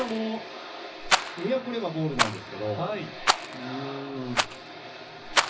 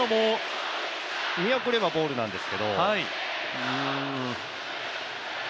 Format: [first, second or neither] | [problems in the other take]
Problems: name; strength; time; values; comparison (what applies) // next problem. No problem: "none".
second | background sound (Rattle); 1 dB above the speech // room echo; dies away in 0.4 s